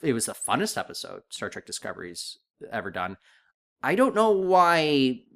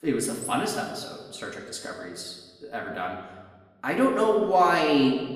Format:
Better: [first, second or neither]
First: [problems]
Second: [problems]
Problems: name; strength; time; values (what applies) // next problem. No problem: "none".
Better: first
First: none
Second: room echo; noticeable; dies away in 1.1 s // off-mic speech; far